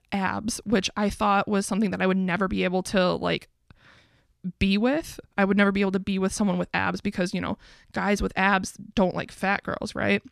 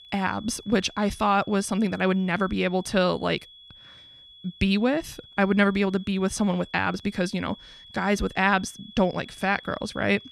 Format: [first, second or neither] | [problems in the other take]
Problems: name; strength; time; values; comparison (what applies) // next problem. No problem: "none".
first | high-pitched whine; faint; throughout; 3.5 kHz, 20 dB below the speech